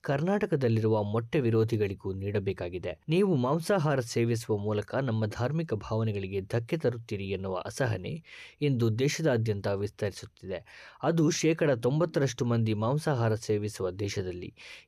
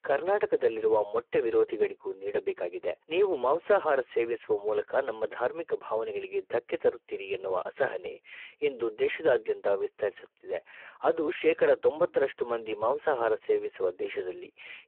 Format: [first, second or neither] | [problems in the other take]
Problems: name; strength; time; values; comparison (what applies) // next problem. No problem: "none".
first | phone-call audio; poor line